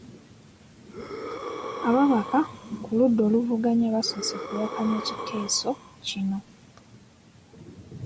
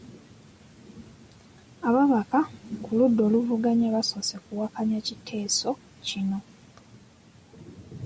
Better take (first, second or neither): second